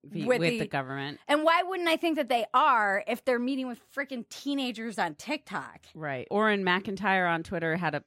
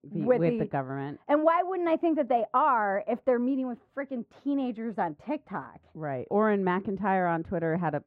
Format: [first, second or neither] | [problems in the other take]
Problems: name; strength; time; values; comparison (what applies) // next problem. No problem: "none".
first | muffled; very; fading above 2.5 kHz